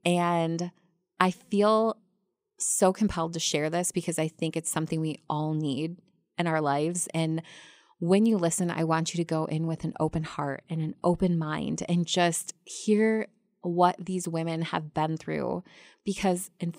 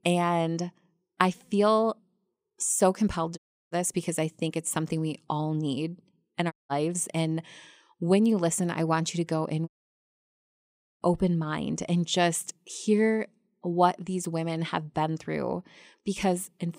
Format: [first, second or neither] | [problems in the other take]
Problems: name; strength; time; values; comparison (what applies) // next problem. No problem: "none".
first | audio cutting out; at 3.5 s, at 6.5 s and at 9.5 s for 1.5 s